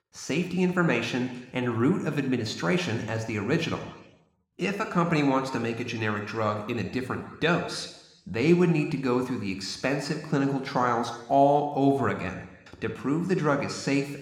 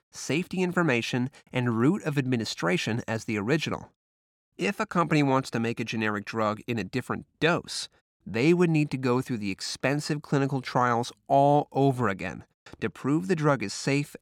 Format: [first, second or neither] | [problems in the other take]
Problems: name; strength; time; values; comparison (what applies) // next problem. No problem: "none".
second | room echo; slight; dies away in 1 s